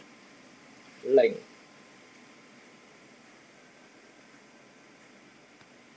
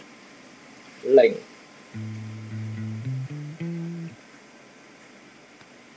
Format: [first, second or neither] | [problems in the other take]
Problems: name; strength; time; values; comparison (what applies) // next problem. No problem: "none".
first | background sound (Electric guitar); 4 dB below the speech